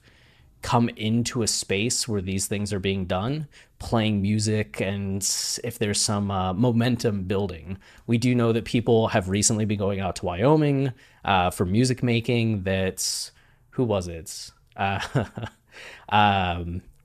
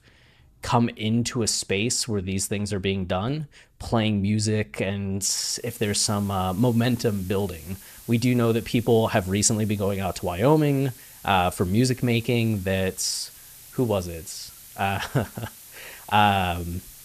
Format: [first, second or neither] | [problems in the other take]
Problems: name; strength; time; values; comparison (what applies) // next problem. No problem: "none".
first | hiss; noticeable; from 5.5 s on; 20 dB below the speech